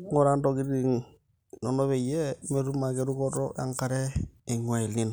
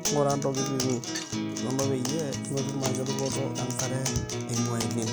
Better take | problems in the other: first | background sound (Acoustic guitar); 1 dB below the speech

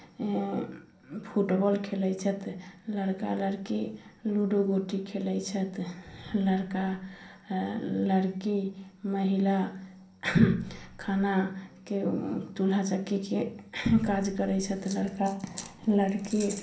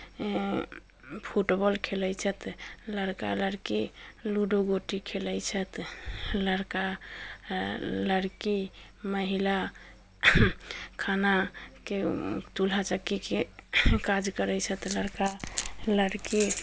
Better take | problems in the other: second | room echo; dies away in 0.6 s

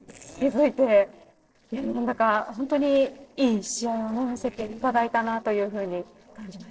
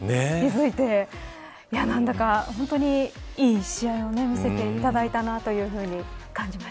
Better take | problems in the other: second | noise reduction (neural separator model SepFormer DNS4)

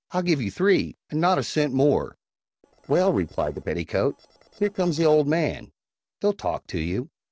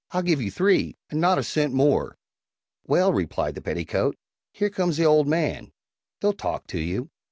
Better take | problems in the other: second | noise reduction (neural separator model SepFormer DNS4)

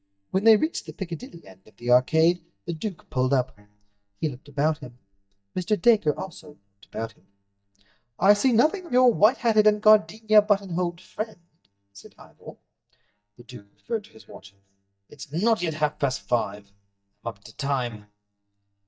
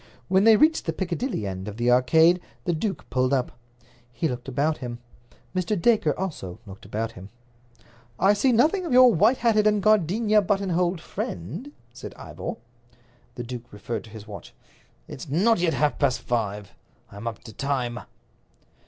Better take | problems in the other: second | noise reduction (neural mask model DeepFilterNet 3)

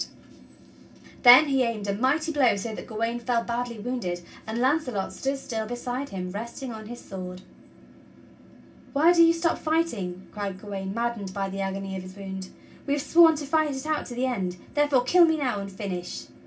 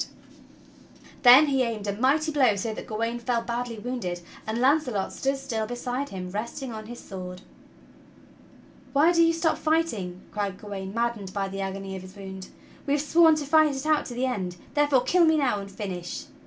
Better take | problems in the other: second | room echo; dies away in 0.4 s

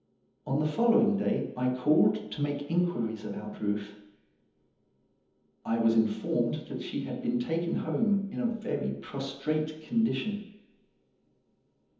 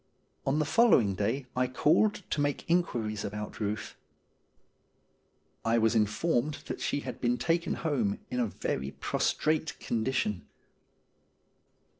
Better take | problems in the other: second | room echo; dies away in 1.3 s

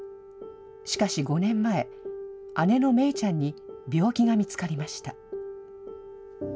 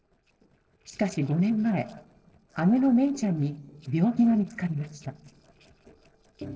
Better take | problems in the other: first | noise reduction (neural separator model SepFormer DNS4)

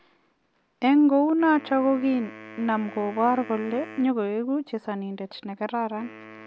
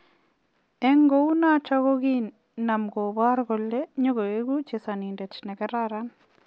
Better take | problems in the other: second | background sound (Wind instrument, woodwind instrument); 20 dB below the speech

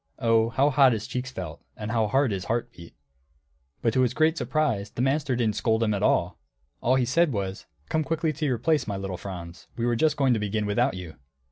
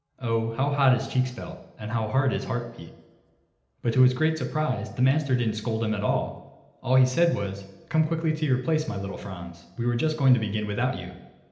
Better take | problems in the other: first | room echo; dies away in 0.9 s

